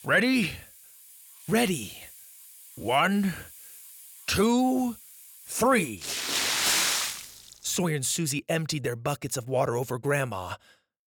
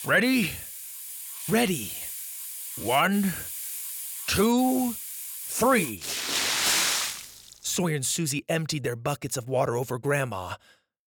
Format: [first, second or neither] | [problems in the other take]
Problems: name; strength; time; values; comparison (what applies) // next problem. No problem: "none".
first | hiss; loud; until 6 s; 9 dB below the speech; faint in the first